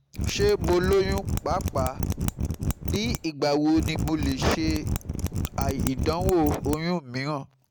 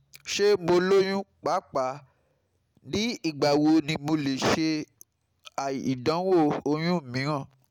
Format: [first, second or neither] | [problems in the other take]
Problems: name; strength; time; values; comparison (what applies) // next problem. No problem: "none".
second | background sound (Mechanisms); 2 dB below the speech